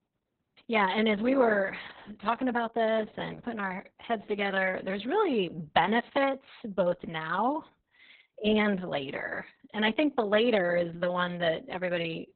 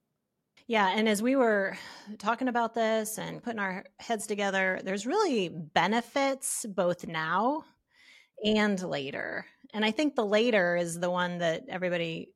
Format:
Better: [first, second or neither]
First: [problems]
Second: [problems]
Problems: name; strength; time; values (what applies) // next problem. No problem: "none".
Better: second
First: garbled, watery; badly; nothing above 3.5 kHz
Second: none